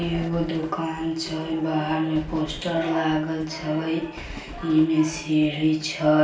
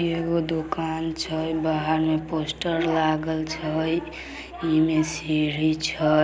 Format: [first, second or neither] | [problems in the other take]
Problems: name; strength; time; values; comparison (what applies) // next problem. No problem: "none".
second | background sound (Train); 18 dB below the speech // room echo; dies away in 0.3 s